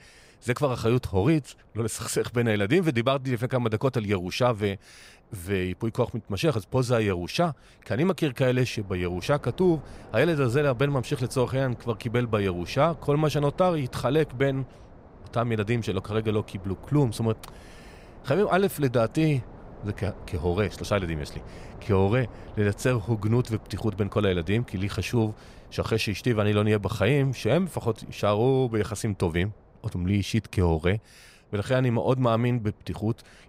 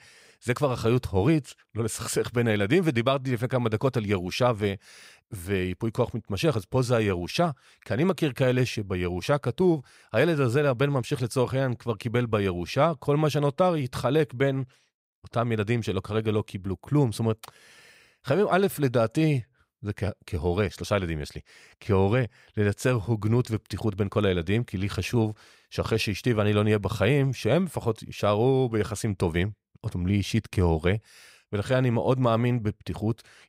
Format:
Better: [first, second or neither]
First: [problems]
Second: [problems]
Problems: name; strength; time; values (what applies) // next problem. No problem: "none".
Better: second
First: wind noise on the microphone; occasional gusts; 25 dB below the speech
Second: none